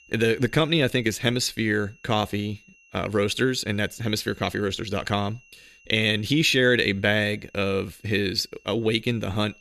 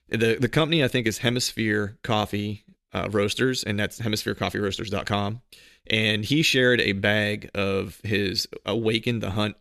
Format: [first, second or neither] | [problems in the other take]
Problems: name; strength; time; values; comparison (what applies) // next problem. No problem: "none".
second | high-pitched whine; faint; throughout; 3 kHz, 30 dB below the speech